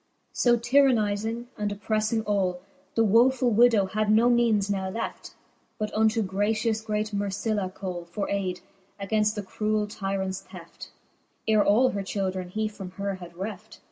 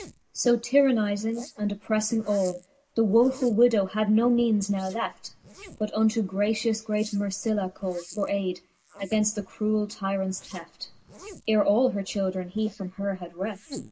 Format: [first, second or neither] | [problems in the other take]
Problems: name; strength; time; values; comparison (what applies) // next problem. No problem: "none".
first | noise reduction (neural mask model Resemble Enhance denoiser)